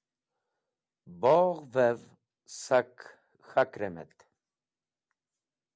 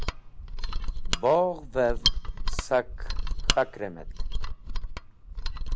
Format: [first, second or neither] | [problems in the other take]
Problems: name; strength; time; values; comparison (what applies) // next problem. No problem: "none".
first | background sound (Mechanisms); 2 dB above the speech